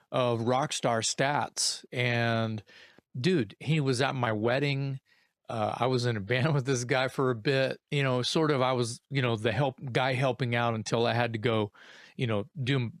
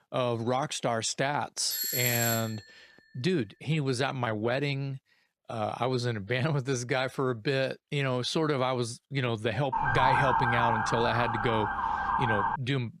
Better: first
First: none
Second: doorbell; loud; at 1.5 s; peak 3 dB above the speech // siren; loud; from 9.5 s on; peak 5 dB above the speech

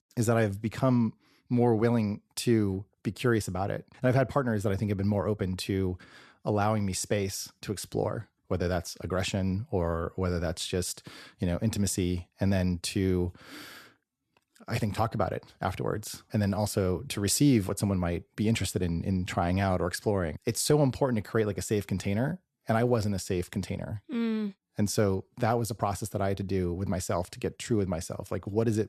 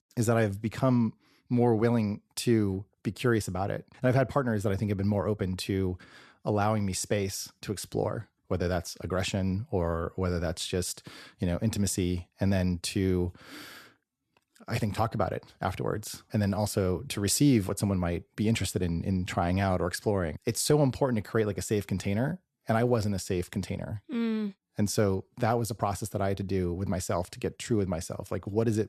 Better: neither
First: none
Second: none

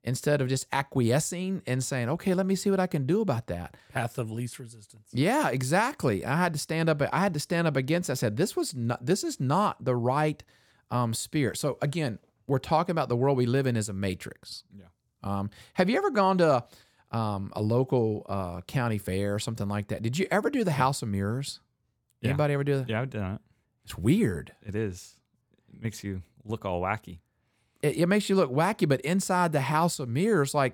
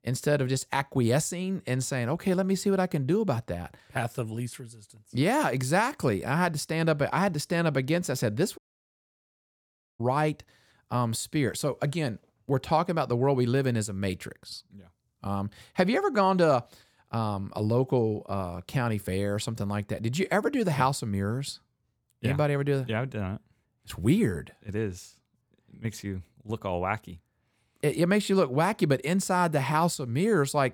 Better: first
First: none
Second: audio cutting out; at 8.5 s for 1.5 s

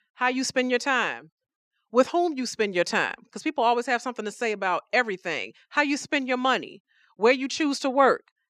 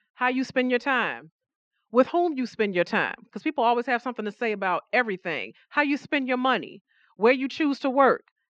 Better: first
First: none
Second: muffled; slightly; fading above 3.5 kHz

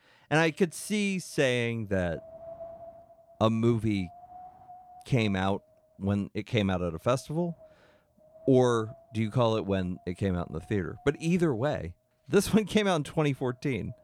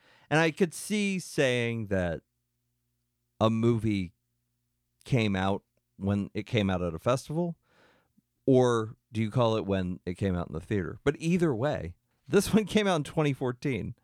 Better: second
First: wind noise on the microphone; occasional gusts; 20 dB below the speech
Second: none

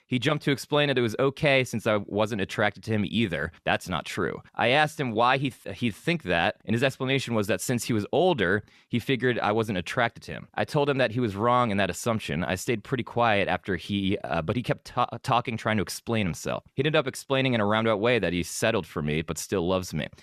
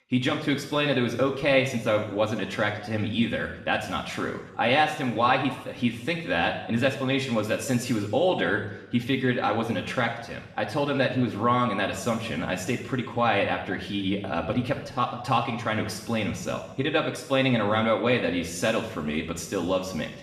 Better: first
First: none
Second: room echo; noticeable; dies away in 0.9 s // off-mic speech; somewhat distant

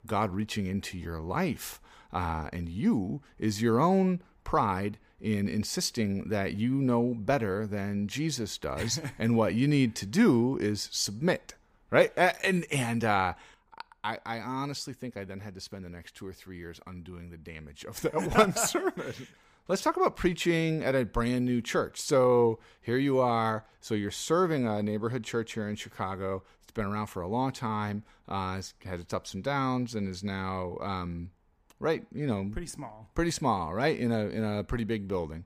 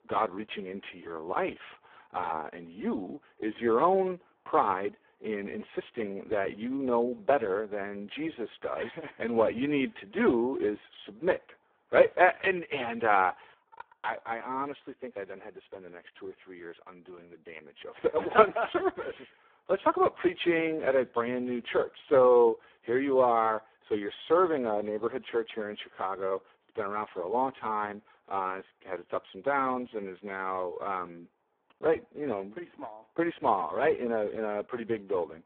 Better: first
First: none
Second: phone-call audio; poor line

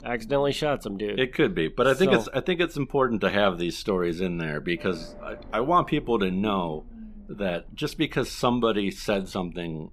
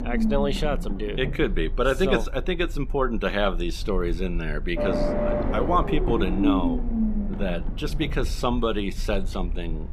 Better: first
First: low rumble; faint; throughout; 25 dB below the speech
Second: low rumble; loud; throughout; 4 dB below the speech

